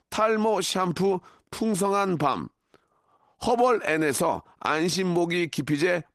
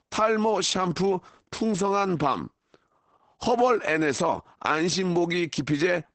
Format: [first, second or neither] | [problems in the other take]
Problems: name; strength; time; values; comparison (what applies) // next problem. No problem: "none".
first | garbled, watery; badly; nothing above 8 kHz; slightly in the first